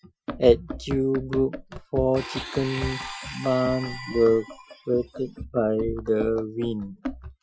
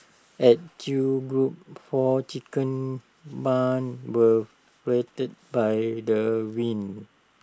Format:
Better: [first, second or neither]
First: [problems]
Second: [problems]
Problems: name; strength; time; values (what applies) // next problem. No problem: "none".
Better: second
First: noise reduction (classical method Wiener filter)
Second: none